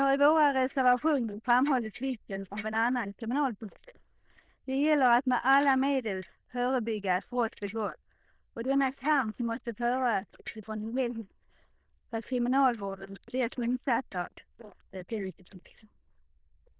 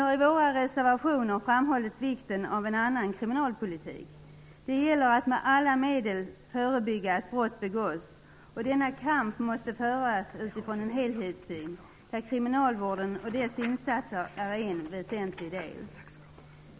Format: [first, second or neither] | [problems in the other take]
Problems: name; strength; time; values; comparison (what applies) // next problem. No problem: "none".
second | noise reduction (neural diffusion model UNIVERSE++)